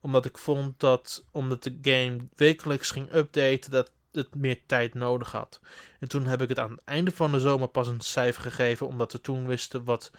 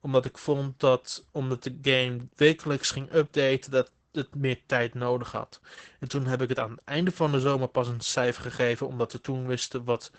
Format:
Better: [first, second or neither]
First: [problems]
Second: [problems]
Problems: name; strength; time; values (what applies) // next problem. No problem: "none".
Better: first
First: garbled, watery; slightly; nothing above 17 kHz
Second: garbled, watery; badly; nothing above 8 kHz